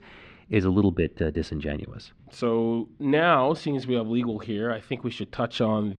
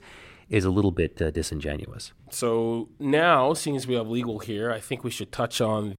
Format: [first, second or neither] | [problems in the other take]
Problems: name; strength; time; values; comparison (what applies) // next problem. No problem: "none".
second | muffled; very slightly; fading above 4 kHz